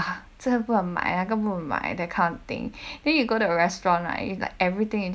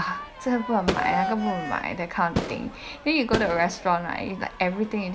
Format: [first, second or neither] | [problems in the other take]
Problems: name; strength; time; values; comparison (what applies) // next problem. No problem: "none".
first | background sound (Crowd / Fireworks); 5 dB below the speech